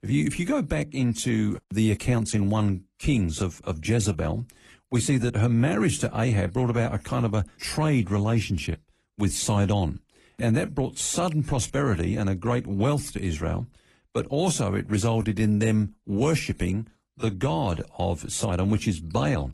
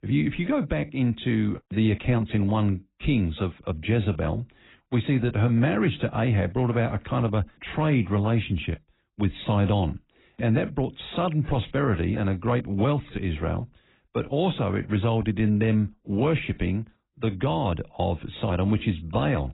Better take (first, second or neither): first